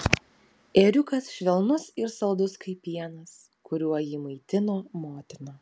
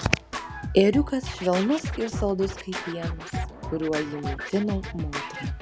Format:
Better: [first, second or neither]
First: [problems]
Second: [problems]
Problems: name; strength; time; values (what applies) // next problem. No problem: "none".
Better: first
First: none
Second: background sound (Scratching (performance technique)); 6 dB below the speech